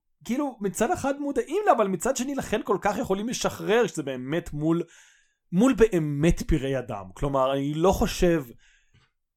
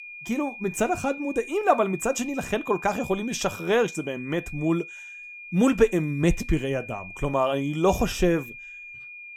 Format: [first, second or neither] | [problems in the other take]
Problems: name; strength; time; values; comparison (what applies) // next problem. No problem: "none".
first | high-pitched whine; noticeable; throughout; 2.5 kHz, 15 dB below the speech